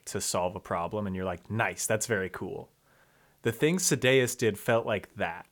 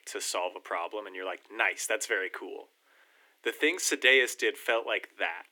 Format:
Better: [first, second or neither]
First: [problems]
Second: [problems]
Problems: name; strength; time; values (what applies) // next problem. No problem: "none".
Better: first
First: none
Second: thin; very; fading below 300 Hz